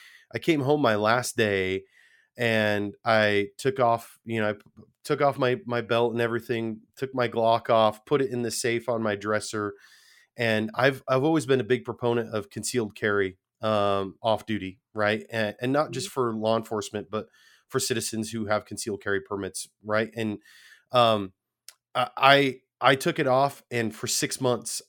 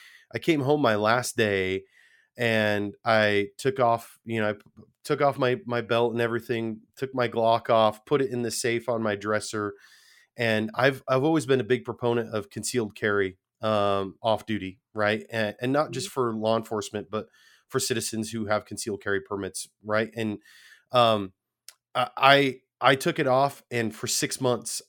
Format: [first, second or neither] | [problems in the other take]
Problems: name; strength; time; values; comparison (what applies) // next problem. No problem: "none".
neither | none